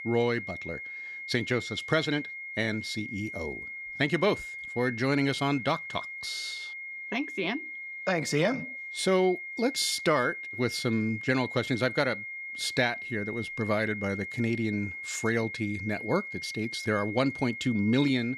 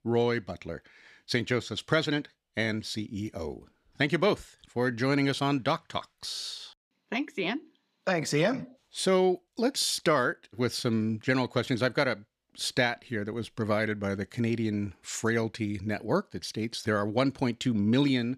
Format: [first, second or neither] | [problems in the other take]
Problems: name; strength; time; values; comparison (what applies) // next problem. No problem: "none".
second | high-pitched whine; loud; throughout; 2 kHz, 7 dB below the speech